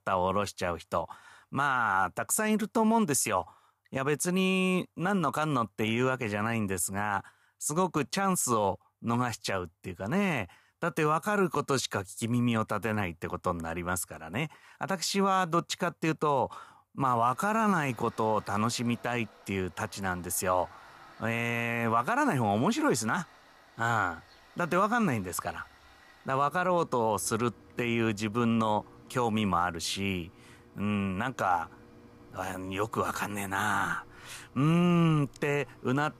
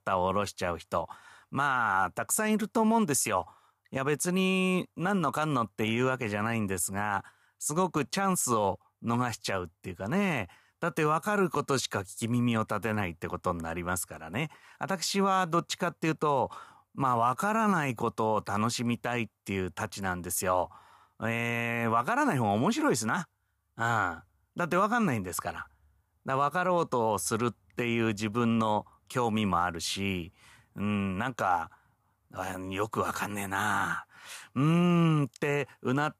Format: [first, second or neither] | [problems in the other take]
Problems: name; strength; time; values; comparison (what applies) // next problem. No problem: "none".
second | machinery noise; faint; from 17 s on; 25 dB below the speech